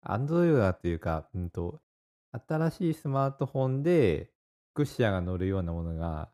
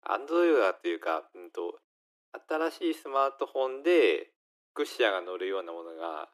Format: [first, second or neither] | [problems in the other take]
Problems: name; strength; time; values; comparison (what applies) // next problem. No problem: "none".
first | thin; very; fading below 300 Hz